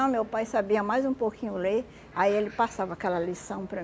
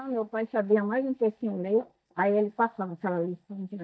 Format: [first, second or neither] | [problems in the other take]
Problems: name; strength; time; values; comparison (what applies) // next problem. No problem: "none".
first | noise reduction (neural mask model DeepFilterNet 3)